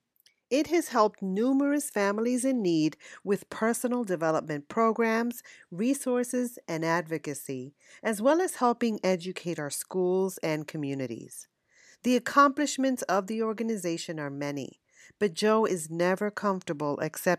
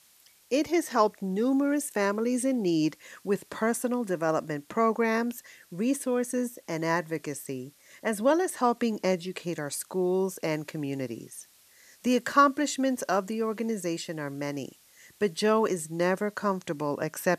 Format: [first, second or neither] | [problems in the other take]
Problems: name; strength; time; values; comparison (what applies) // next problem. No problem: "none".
first | hiss; faint; throughout; 30 dB below the speech